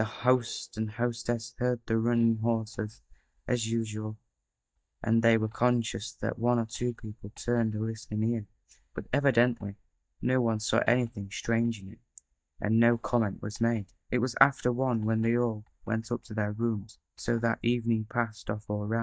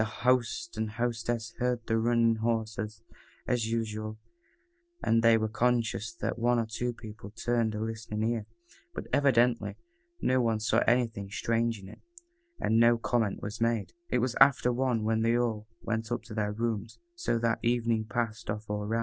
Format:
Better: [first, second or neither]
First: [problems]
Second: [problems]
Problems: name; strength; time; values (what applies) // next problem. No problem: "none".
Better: second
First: noise reduction (neural mask model DeepFilterNet 3)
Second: none